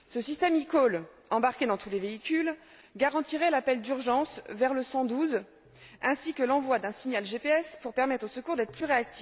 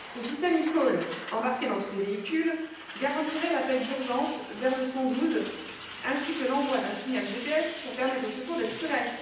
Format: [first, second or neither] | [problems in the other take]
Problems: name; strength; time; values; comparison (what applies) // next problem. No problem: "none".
first | background sound (Truck); 13 dB below the speech // room echo; dies away in 0.9 s